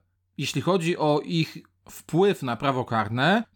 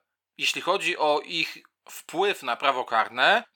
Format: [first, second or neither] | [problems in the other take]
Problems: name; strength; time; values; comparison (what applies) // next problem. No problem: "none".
first | thin; very; fading below 650 Hz